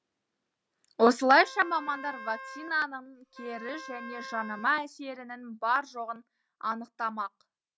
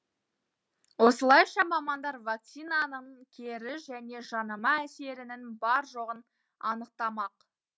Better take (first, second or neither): second